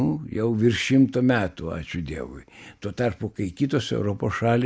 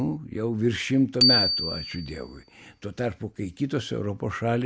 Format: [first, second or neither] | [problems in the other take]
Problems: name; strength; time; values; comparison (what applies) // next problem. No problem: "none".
first | background sound (Bicycle bell); 1 dB below the speech